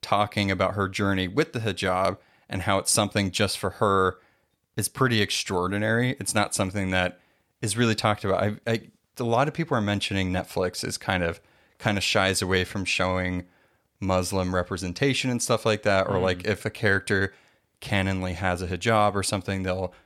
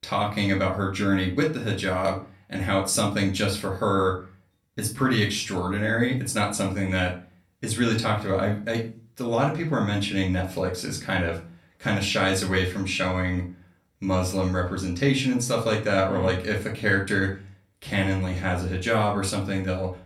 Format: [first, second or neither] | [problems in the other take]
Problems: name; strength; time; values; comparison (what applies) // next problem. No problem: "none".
first | off-mic speech; far // room echo; slight; dies away in 0.3 s